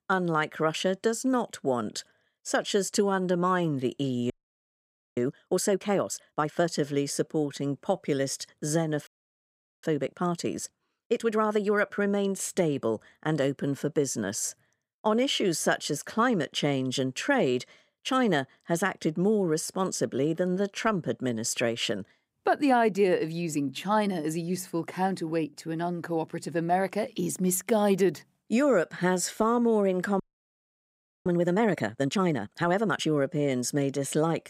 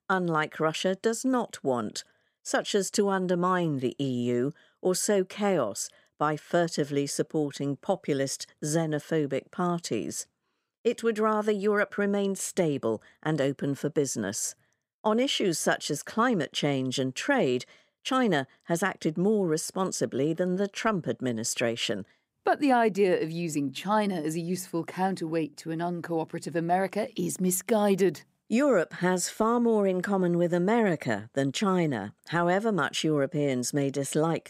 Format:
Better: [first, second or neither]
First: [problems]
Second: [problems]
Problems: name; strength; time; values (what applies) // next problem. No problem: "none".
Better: second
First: audio freezing; at 4.5 s for 1 s, at 9 s for 1 s and at 30 s for 1 s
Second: none